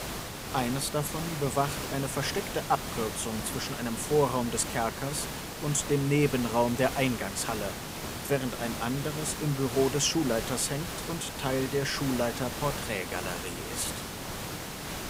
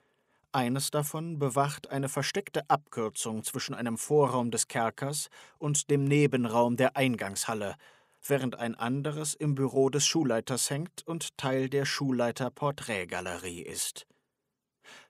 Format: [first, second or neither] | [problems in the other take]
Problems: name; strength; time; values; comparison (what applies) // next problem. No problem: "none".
second | hiss; loud; throughout; 6 dB below the speech